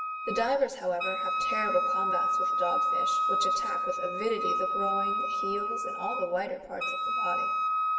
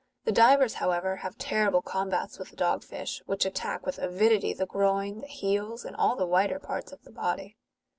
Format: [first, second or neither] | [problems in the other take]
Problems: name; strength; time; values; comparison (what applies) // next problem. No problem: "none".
second | background sound (Wind instrument, woodwind instrument); 4 dB above the speech // room echo; dies away in 0.9 s